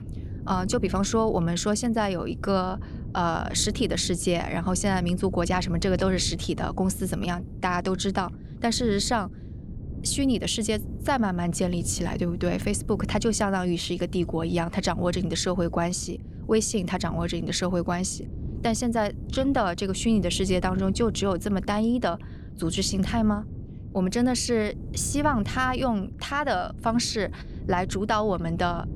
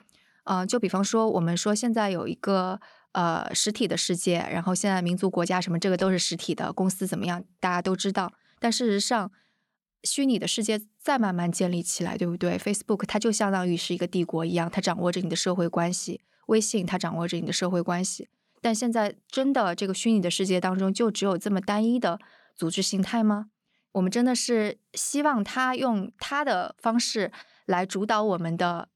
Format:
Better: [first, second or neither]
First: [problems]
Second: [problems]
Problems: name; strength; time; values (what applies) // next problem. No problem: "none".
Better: second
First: wind noise on the microphone; occasional gusts; 20 dB below the speech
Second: none